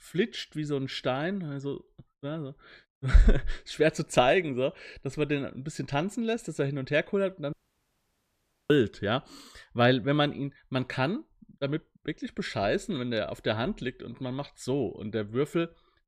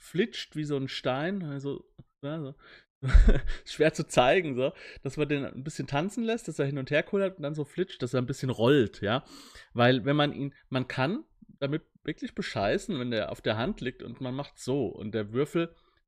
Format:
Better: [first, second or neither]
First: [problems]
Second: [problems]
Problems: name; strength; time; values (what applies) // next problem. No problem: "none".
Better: second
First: audio cutting out; at 7.5 s for 1 s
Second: none